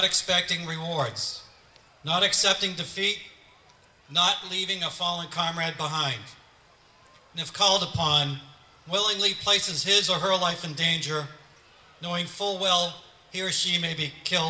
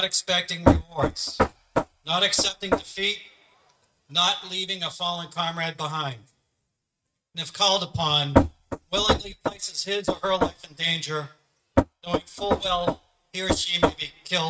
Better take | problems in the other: first | noise reduction (neural mask model RNNoise)

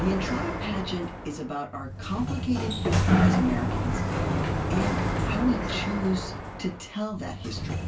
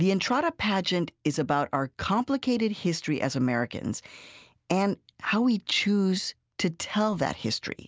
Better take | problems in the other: second | background sound (Sliding door); 3 dB above the speech // room echo; dies away in 0.2 s

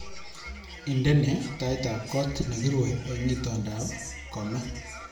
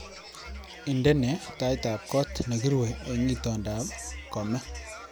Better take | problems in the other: second | room echo; dies away in 0.6 s

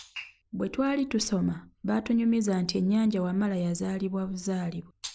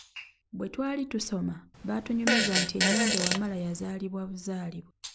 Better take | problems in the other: first | background sound (Fart); 2 dB above the speech

